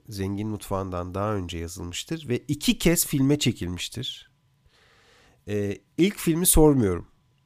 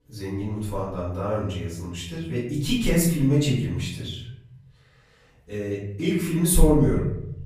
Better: first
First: none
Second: off-mic speech; far // room echo; noticeable; dies away in 1.1 s

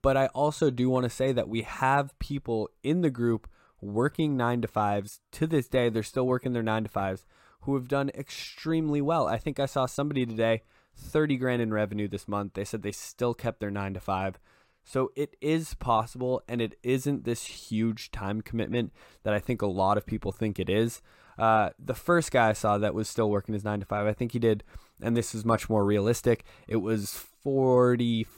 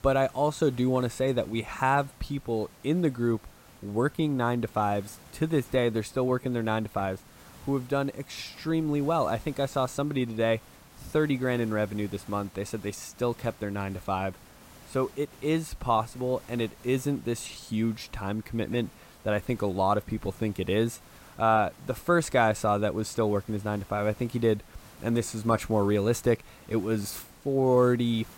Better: first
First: none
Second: hiss; faint; throughout; 25 dB below the speech

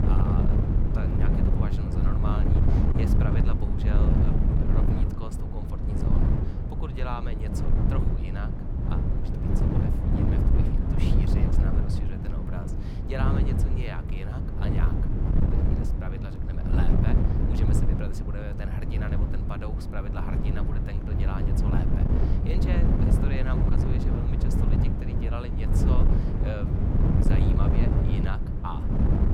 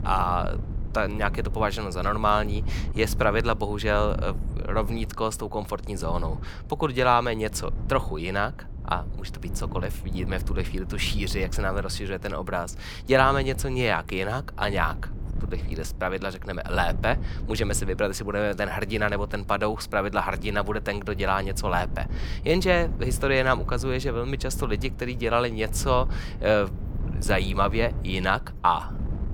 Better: second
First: wind noise on the microphone; heavy; 4 dB above the speech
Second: wind noise on the microphone; occasional gusts; 20 dB below the speech

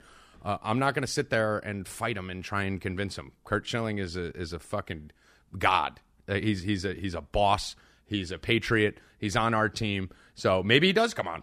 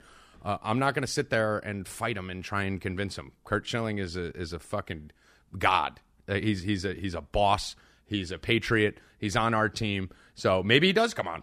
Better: neither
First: none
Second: none

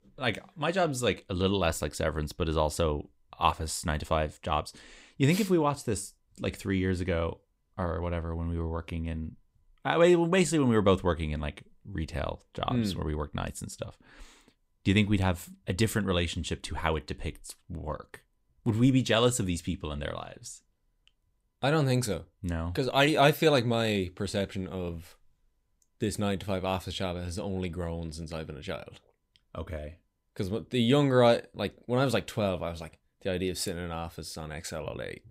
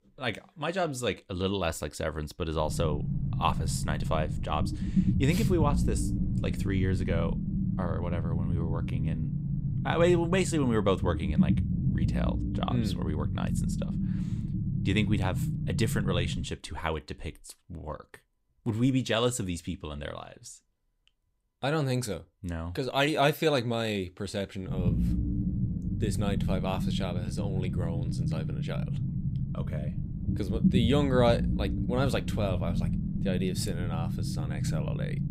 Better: first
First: none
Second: low rumble; loud; from 2.5 to 16 s and from 25 s on; 8 dB below the speech

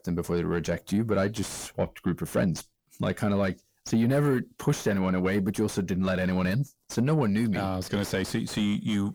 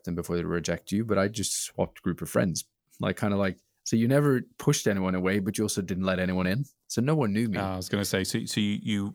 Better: second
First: distortion; slight; 10 dB below the speech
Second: none

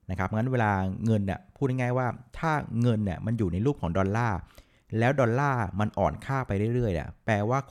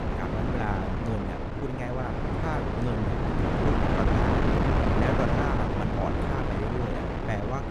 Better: first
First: none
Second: wind noise on the microphone; heavy; 5 dB above the speech

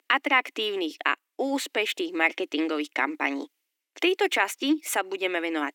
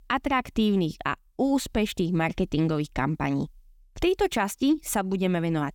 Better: second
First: thin; somewhat; fading below 300 Hz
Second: none

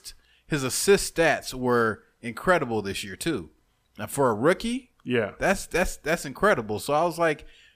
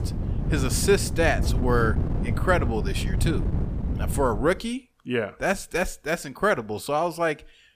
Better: first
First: none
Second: wind noise on the microphone; occasional gusts; until 4.5 s; 10 dB below the speech

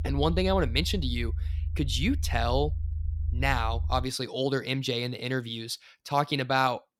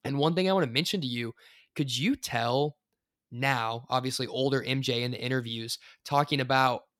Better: second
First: low rumble; faint; until 4 s; 20 dB below the speech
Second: none

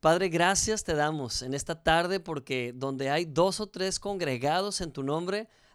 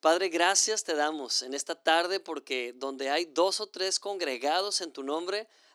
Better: first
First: none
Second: thin; somewhat; fading below 300 Hz

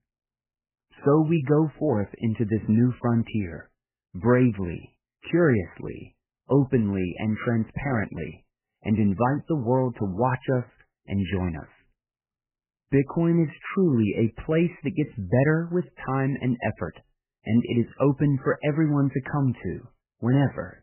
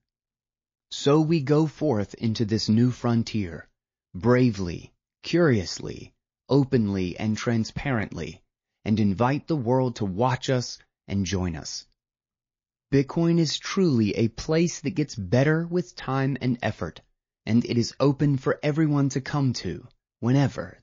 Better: second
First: garbled, watery; badly; nothing above 3 kHz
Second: garbled, watery; slightly; nothing above 7 kHz

